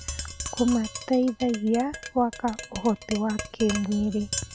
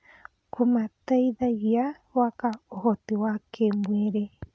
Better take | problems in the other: second | background sound (Tap); 10 dB below the speech

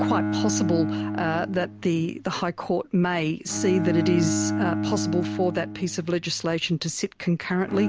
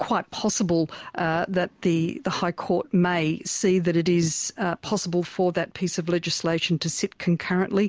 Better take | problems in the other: second | background sound (Bowed string instrument); 4 dB below the speech

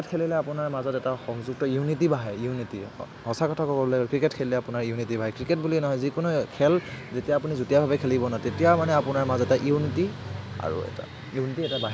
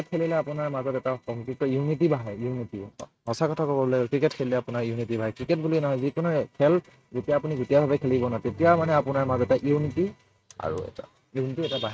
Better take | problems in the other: first | noise reduction (neural mask model RNNoise)

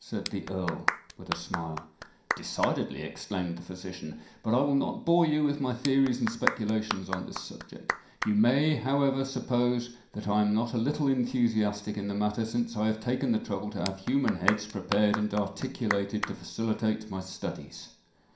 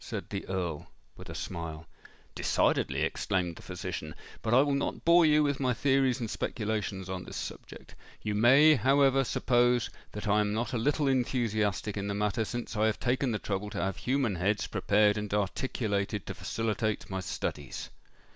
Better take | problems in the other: second | background sound (Clapping); 8 dB below the speech // room echo; dies away in 0.5 s

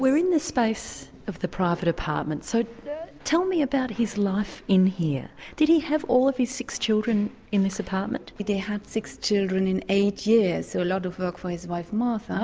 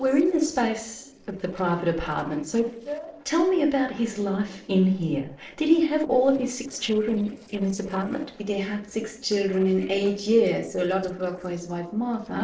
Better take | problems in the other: first | noise reduction (neural separator model SepFormer DNS4)

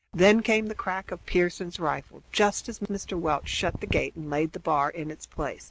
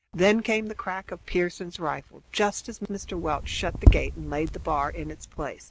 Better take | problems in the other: first | background sound (Tap); 3 dB above the speech

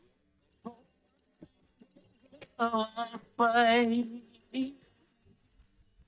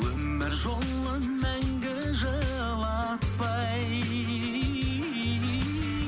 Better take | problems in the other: second | noise reduction (neural mask model DeepFilterNet 3)

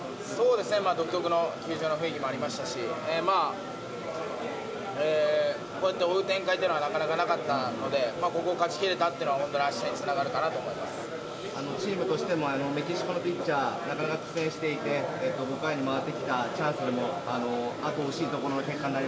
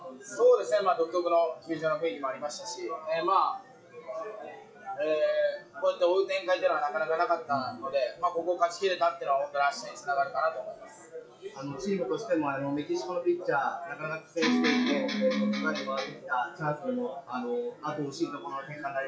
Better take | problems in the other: first | noise reduction (classical method WPE with log-MMSE)

